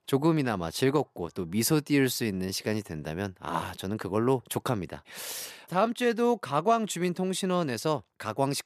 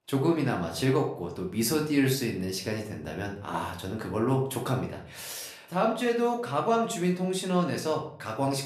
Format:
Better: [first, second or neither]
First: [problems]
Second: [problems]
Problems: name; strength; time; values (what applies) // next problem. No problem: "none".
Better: first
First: none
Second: room echo; slight; dies away in 0.4 s // off-mic speech; somewhat distant